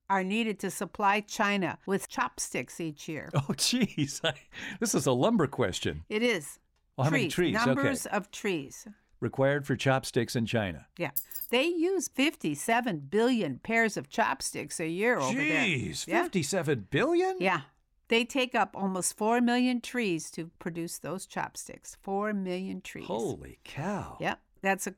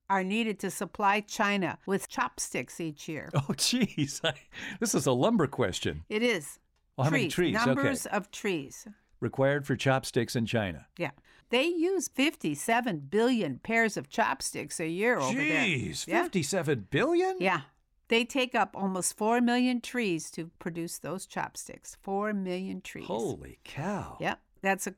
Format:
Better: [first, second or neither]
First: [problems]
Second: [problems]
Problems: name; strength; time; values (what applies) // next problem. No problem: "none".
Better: second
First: jangling keys; noticeable; at 11 s; peak 4 dB below the speech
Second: none